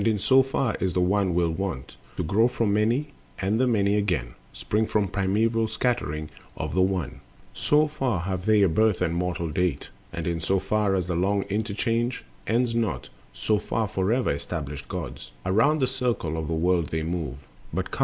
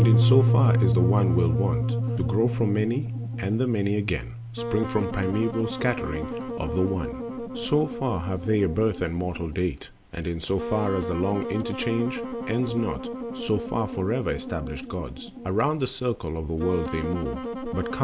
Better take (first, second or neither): first